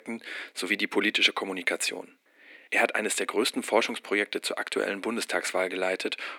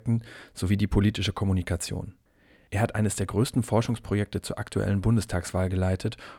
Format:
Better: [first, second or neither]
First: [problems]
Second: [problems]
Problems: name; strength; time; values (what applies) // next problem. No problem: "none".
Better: second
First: thin; very; fading below 300 Hz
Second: none